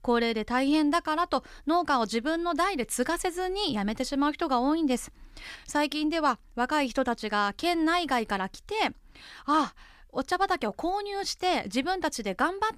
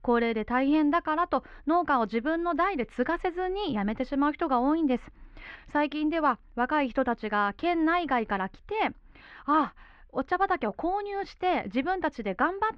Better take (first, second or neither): first